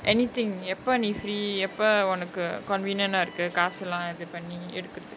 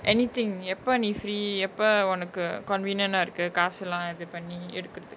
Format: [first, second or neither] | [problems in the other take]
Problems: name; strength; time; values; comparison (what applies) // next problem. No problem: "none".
second | background sound (Alarm); 19 dB below the speech